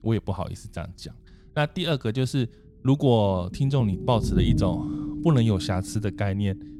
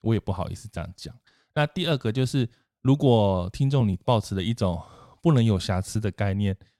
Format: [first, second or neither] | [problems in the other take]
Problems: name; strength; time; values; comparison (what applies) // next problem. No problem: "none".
second | low rumble; loud; throughout; 9 dB below the speech